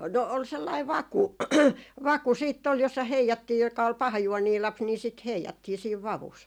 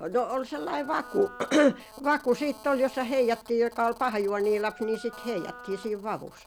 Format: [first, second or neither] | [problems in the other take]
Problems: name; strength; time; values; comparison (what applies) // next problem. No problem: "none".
first | background sound (Wind instrument, woodwind instrument + Telephone); 19 dB below the speech